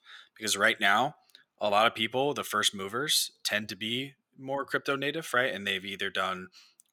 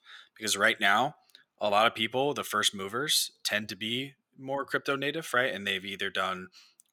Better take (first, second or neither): neither